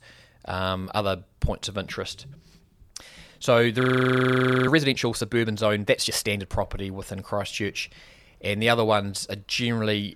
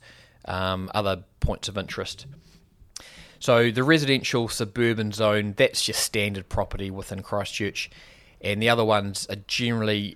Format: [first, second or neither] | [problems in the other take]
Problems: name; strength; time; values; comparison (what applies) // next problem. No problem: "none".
second | audio freezing; at 4 s for 1 s